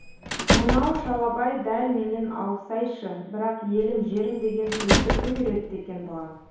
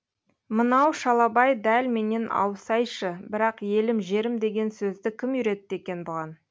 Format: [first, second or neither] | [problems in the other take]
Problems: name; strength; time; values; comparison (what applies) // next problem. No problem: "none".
second | background sound (Squeak / Slam / Human group actions); 2 dB below the speech // room echo; dies away in 2.2 s